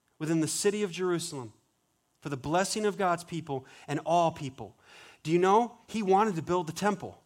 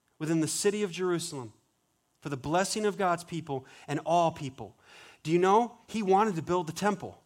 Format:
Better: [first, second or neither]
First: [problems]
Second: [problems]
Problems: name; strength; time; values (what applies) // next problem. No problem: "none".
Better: neither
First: none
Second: none